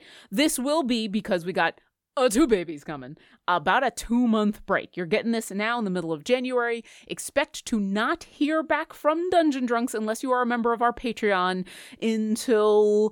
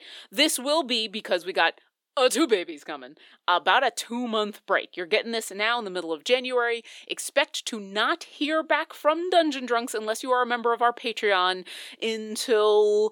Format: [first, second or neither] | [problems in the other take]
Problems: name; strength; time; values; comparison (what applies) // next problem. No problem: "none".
first | thin; somewhat; fading below 350 Hz